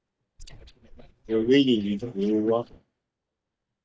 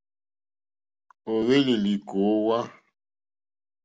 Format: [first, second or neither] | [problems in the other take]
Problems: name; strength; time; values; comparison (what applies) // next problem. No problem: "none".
second | noise reduction (neural mask model DeepFilterNet 3)